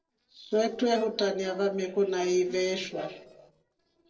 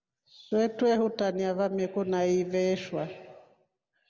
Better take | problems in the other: second | noise reduction (neural separator model SepFormer DNS4)

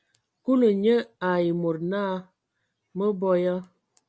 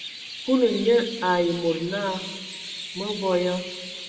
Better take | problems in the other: first | background sound (Chirp, tweet); 12 dB below the speech // room echo; dies away in 1.2 s

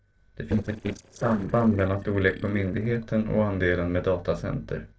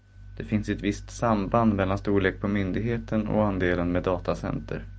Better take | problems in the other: second | noise reduction (neural separator model SepFormer DNS4)

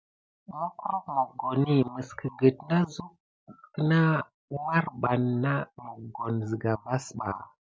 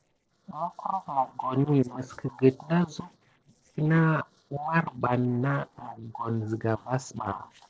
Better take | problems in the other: first | noise reduction (neural separator model SepFormer DNS4)

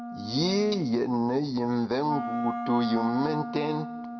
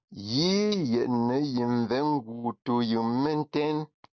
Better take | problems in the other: second | background sound (Wind instrument, woodwind instrument); 8 dB below the speech // room echo; dies away in 0.9 s

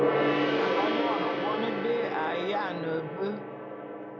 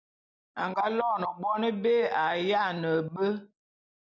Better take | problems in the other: second | background sound (Gong); 4 dB above the speech

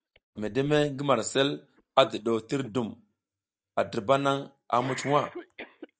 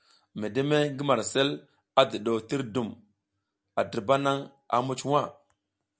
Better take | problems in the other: second | noise reduction (neural mask model DeepFilterNet 3)

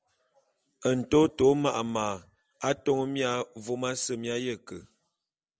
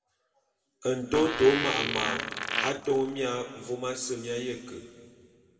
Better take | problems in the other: first | background sound (Fart); 4 dB below the speech // room echo; dies away in 2.1 s

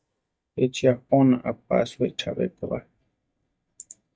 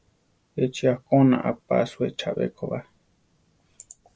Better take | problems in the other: second | noise reduction (neural mask model DeepFilterNet 3)

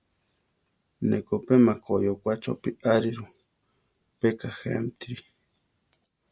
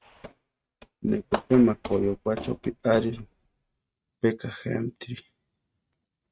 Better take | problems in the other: first | noise reduction (neural mask model RNNoise)

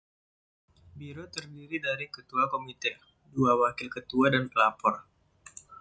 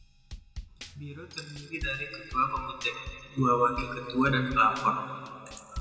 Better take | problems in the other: first | background sound (Drum / Drum kit); 14 dB below the speech // room echo; dies away in 2.5 s

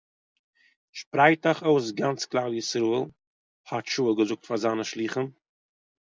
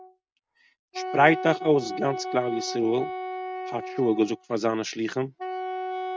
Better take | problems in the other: first | noise reduction (neural mask model RNNoise)

